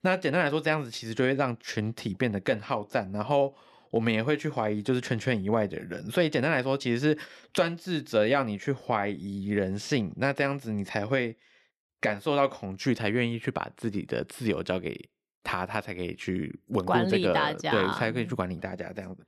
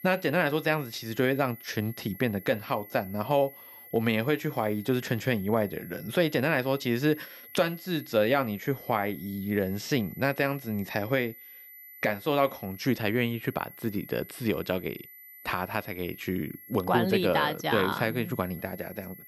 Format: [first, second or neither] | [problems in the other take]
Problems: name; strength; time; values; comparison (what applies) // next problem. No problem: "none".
first | high-pitched whine; noticeable; throughout; 11.5 kHz, 15 dB below the speech